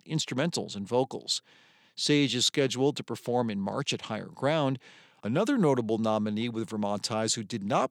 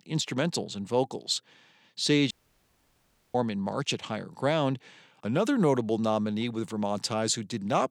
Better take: first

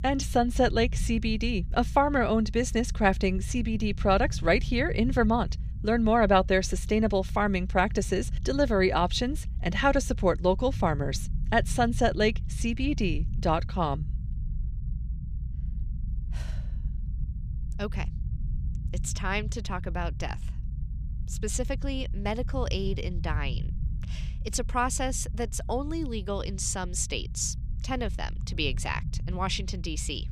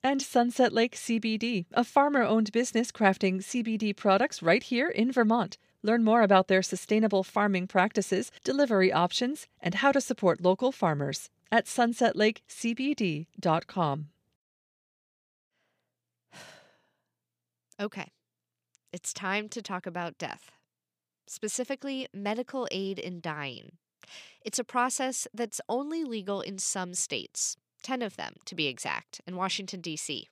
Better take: second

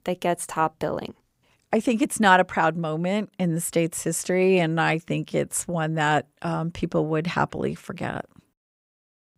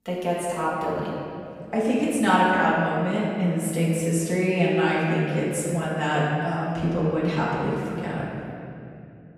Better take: first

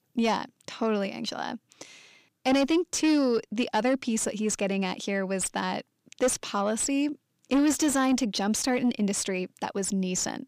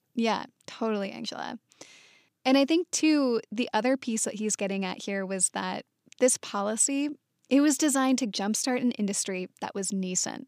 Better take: second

